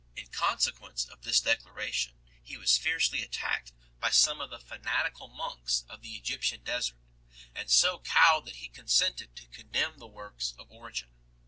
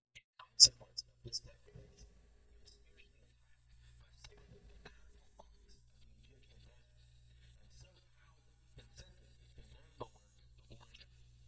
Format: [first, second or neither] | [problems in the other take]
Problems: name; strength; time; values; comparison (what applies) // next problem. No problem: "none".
first | noise reduction (neural mask model DeepFilterNet 3)